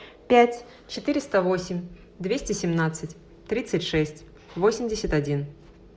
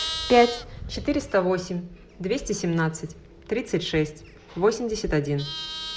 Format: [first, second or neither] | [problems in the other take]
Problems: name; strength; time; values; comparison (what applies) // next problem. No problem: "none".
first | background sound (Livestock, farm animals, working animals); 12 dB below the speech